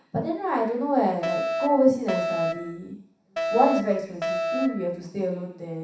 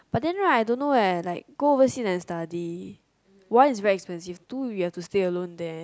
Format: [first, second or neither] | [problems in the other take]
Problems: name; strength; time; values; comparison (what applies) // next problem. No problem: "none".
second | background sound (Alarm); 3 dB below the speech // room echo; dies away in 0.7 s